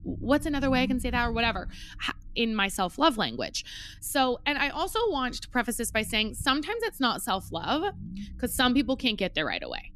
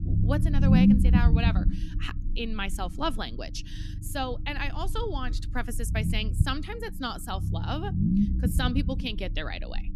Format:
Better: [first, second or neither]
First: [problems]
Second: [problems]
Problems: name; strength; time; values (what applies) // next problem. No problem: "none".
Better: first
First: low rumble; faint; throughout; 25 dB below the speech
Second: low rumble; loud; throughout; 1 dB below the speech